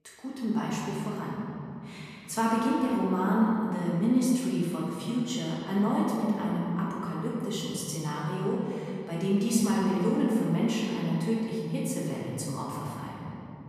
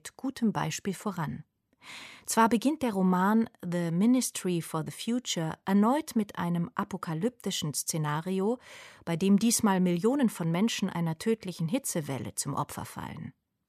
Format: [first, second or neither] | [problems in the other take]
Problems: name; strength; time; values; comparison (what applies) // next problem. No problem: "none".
second | off-mic speech; far // room echo; strong; dies away in 2.7 s